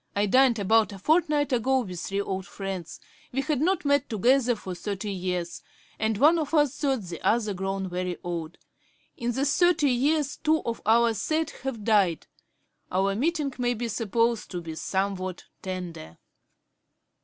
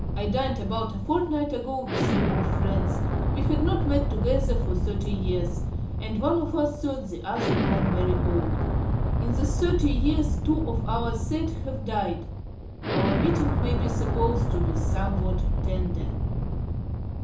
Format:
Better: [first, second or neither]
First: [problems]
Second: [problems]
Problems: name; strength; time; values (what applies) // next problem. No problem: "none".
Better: first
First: none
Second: background sound (Explosion); 4 dB above the speech // room echo; dies away in 1.2 s